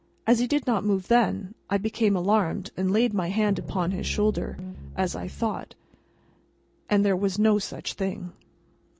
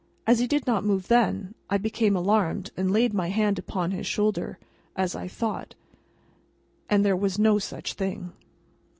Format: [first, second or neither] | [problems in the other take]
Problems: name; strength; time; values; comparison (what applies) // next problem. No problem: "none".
second | background sound (Piano); 9 dB below the speech